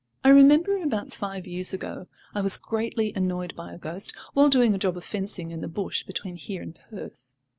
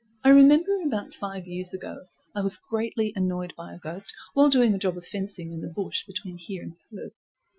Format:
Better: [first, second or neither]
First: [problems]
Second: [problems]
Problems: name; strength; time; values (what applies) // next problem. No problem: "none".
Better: first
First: none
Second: noise reduction (classical method Wiener filter)